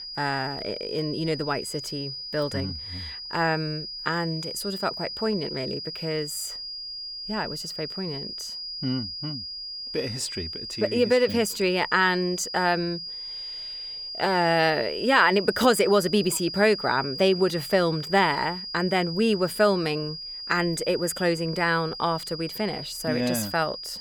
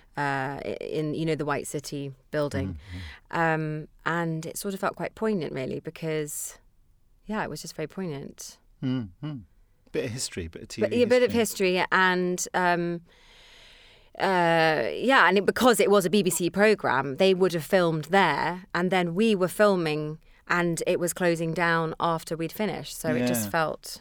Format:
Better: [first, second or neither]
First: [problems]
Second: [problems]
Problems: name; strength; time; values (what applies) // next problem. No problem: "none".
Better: second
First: high-pitched whine; loud; throughout; 5 kHz, 8 dB below the speech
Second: none